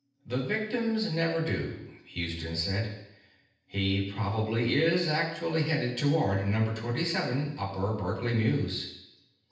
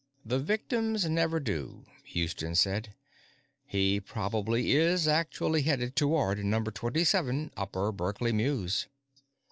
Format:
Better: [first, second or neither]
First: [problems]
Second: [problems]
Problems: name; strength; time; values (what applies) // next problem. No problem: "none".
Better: second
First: room echo; dies away in 0.9 s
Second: none